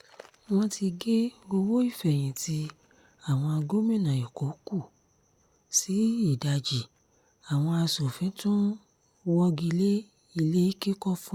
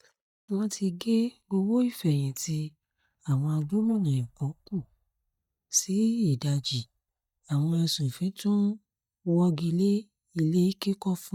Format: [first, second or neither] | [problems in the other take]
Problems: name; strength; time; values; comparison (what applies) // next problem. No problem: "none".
first | noise reduction (neural mask model DeepFilterNet 3)